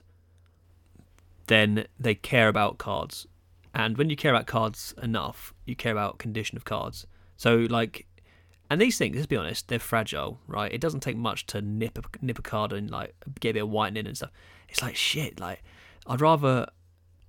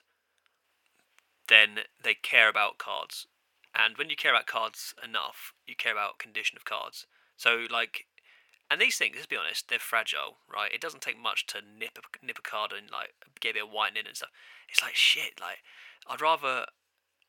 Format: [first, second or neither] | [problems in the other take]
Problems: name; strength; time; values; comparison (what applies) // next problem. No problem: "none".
first | thin; very; fading below 800 Hz